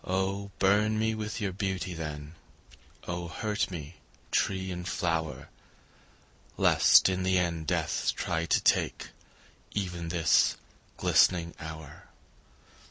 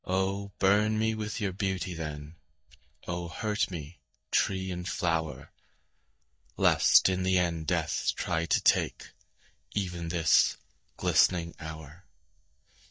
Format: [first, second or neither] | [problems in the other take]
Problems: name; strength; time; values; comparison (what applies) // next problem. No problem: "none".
first | noise reduction (neural mask model DeepFilterNet 3)